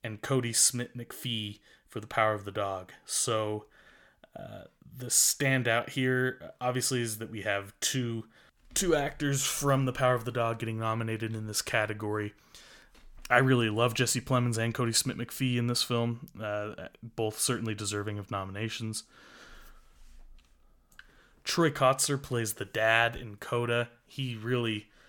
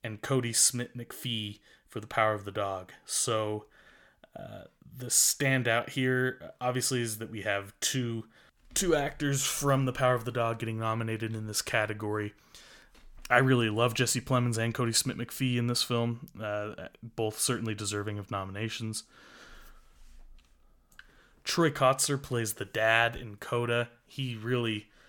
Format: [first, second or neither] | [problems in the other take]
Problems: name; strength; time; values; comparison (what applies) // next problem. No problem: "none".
neither | none